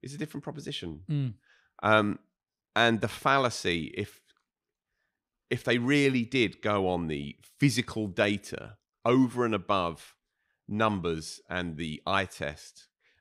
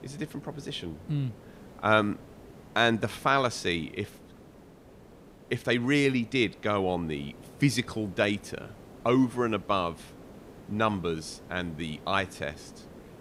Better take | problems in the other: first | hiss; faint; throughout; 20 dB below the speech

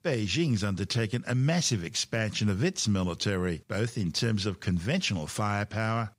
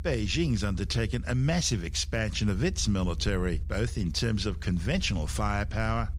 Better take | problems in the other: first | low rumble; faint; throughout; 25 dB below the speech

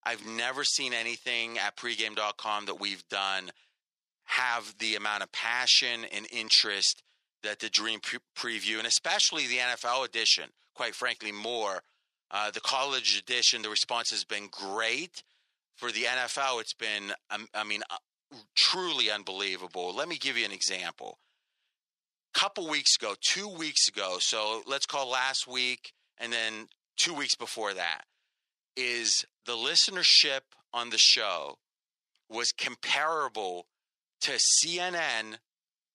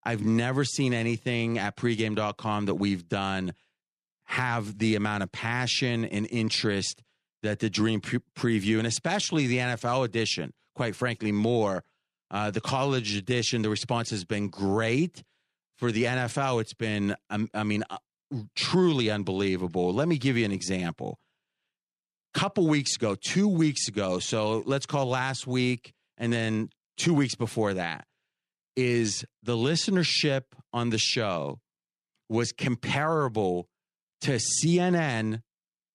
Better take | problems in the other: second | thin; very; fading below 750 Hz

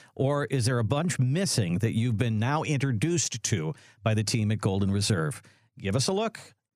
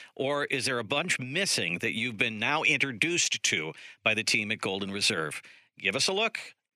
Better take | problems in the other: first | thin; somewhat; fading below 300 Hz

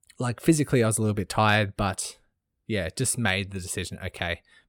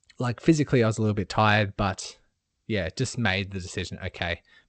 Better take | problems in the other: first | garbled, watery; slightly; nothing above 8 kHz

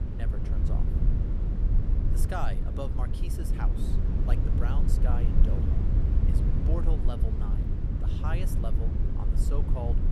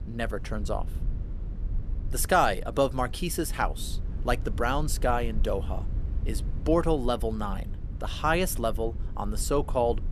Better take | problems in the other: second | low rumble; loud; throughout; 1 dB below the speech; faint in the second

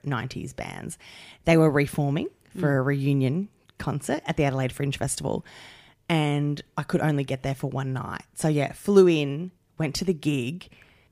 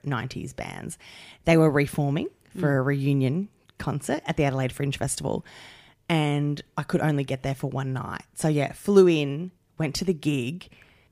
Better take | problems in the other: neither | none

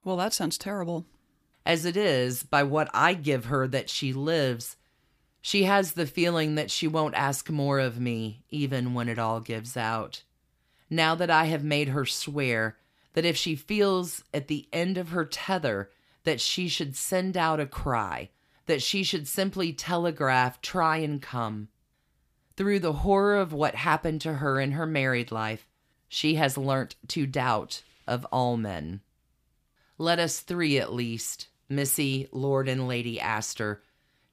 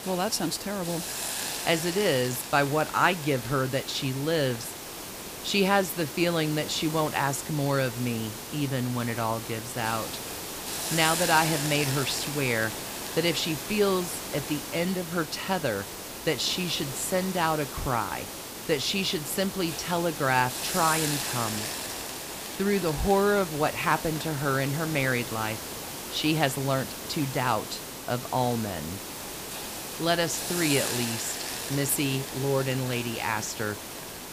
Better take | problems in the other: first | hiss; loud; throughout; 6 dB below the speech

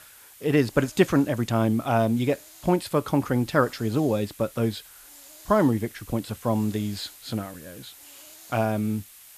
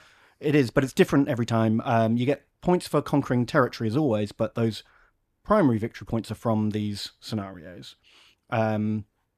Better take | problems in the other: second | hiss; faint; throughout; 20 dB below the speech

